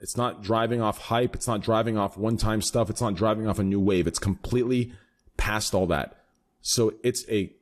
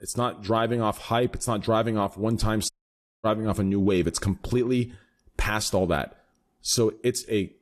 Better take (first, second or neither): first